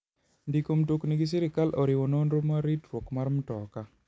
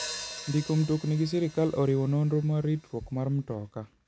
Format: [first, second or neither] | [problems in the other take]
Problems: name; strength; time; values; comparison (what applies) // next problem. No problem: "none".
first | background sound (Hi-hat); 16 dB below the speech